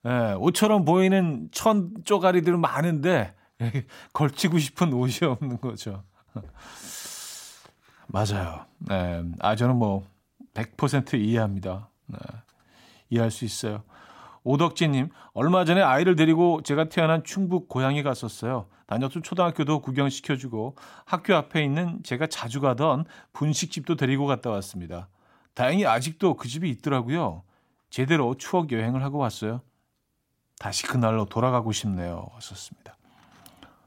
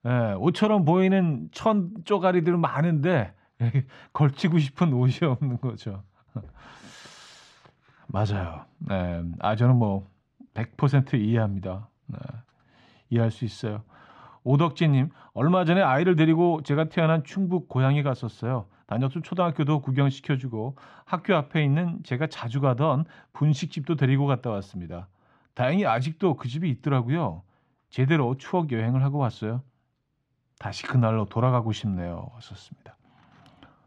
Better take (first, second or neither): first